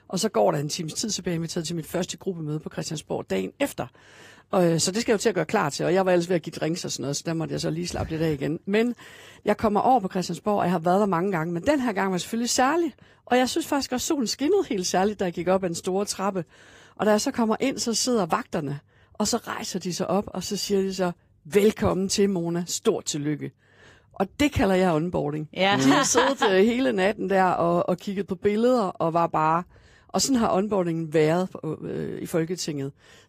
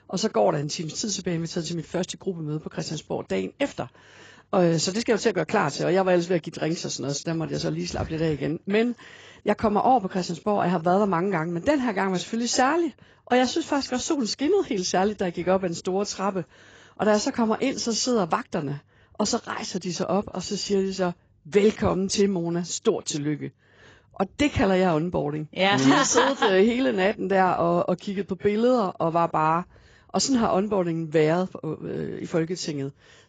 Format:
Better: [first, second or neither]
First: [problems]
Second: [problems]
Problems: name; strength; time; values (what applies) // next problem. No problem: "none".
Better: first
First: garbled, watery; slightly; nothing above 15 kHz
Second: garbled, watery; badly; nothing above 7.5 kHz